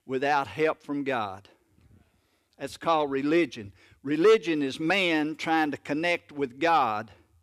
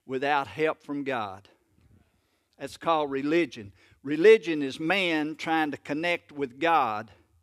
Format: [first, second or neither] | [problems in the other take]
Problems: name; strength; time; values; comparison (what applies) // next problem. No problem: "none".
second | distortion; slight; 10 dB below the speech